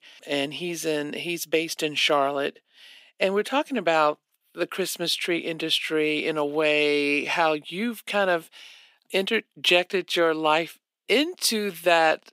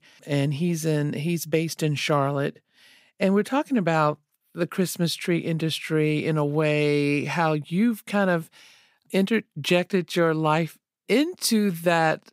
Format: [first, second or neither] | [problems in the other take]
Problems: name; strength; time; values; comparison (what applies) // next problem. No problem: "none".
second | thin; somewhat; fading below 300 Hz